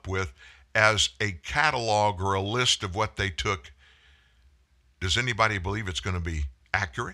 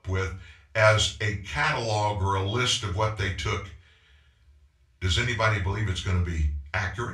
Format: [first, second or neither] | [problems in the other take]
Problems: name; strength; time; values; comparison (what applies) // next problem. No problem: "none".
first | off-mic speech; far // room echo; very slight; dies away in 0.3 s